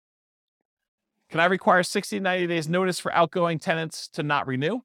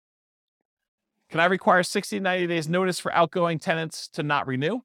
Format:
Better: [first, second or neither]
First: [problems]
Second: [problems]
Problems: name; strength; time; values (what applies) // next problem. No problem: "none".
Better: neither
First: none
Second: none